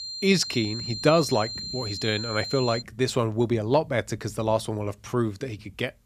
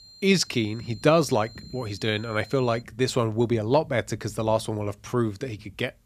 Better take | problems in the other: second | high-pitched whine; loud; until 3 s; 4 kHz, 6 dB below the speech; faint in the second

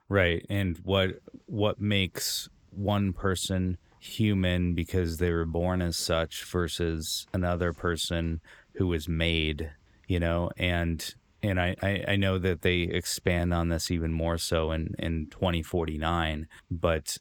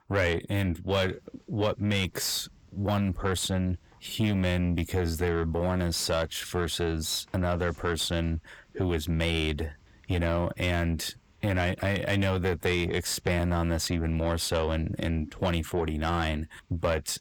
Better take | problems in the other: first | distortion; slight; 9 dB below the speech

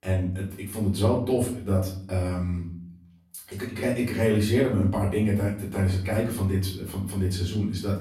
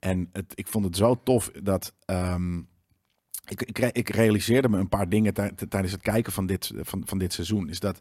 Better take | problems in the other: second | off-mic speech; far // room echo; slight; dies away in 0.6 s

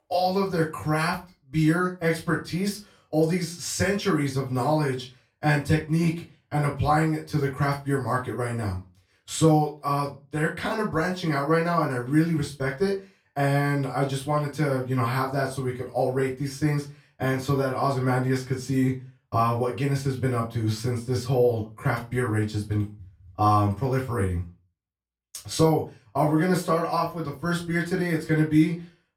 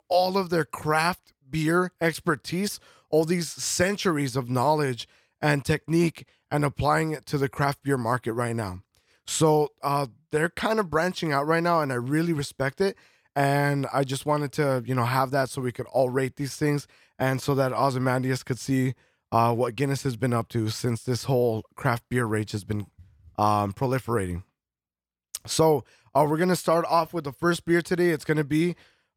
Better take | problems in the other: second | off-mic speech; far // room echo; very slight; dies away in 0.2 s

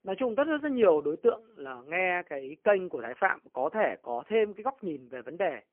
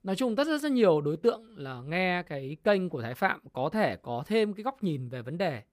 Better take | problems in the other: second | phone-call audio; poor line; nothing above 3 kHz

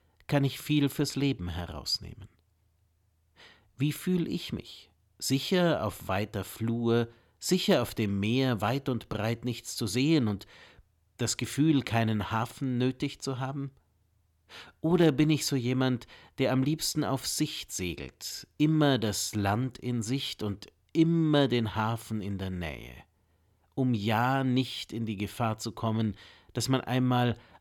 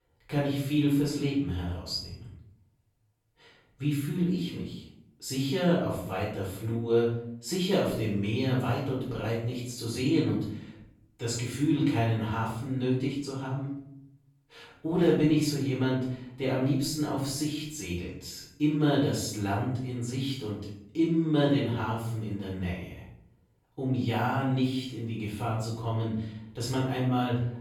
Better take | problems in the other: first | off-mic speech; far // room echo; noticeable; dies away in 0.6 s

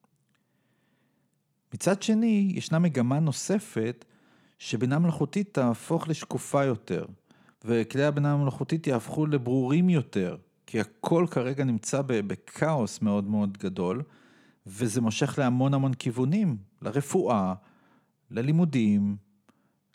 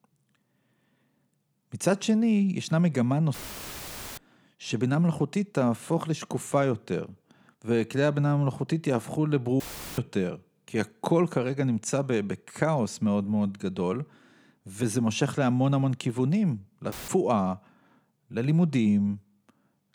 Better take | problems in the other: first | audio cutting out; filled with static; at 3.5 s for 1 s, at 9.5 s and at 17 s

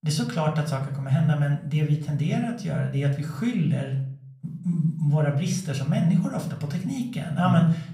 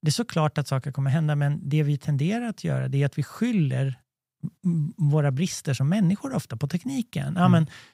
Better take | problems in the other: second | room echo; slight; dies away in 0.4 s // off-mic speech; somewhat distant

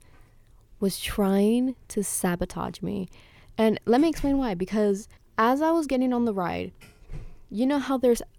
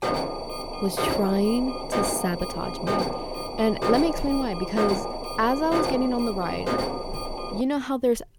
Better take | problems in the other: first | alarm; loud; until 7.5 s; peak level with the speech

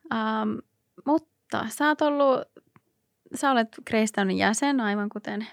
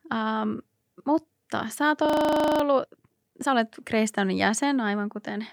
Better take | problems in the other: first | audio freezing; at 2 s for 0.5 s

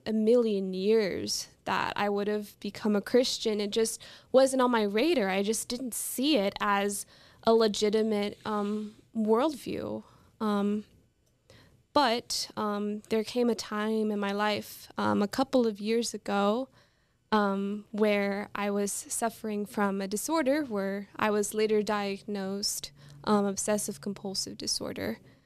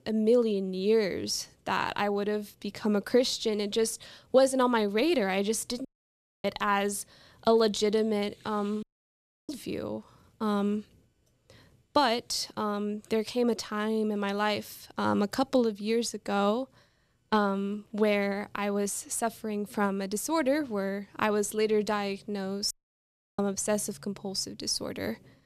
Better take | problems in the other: first | audio cutting out; at 6 s for 0.5 s, at 9 s for 0.5 s and at 23 s for 0.5 s

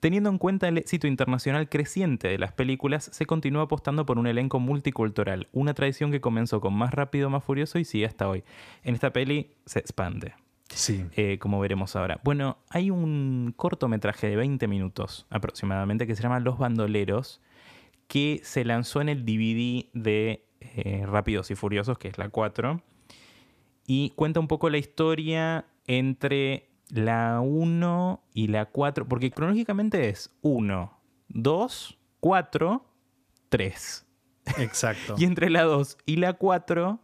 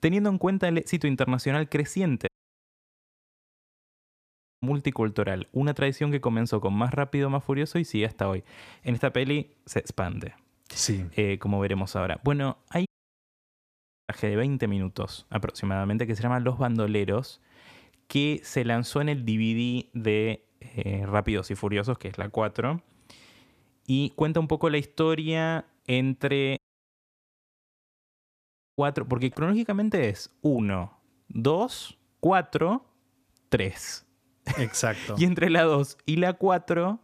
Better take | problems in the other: first | audio cutting out; at 2.5 s for 2.5 s, at 13 s for 1 s and at 27 s for 2 s

